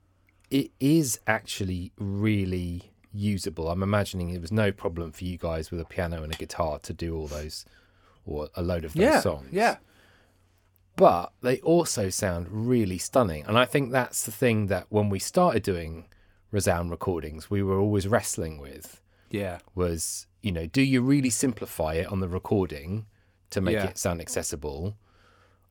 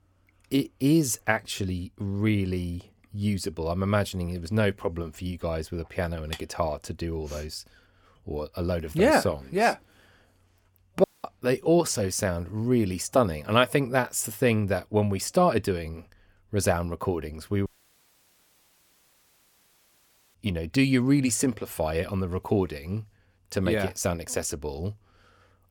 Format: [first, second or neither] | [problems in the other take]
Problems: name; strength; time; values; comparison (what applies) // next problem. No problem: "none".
first | audio cutting out; at 11 s and at 18 s for 2.5 s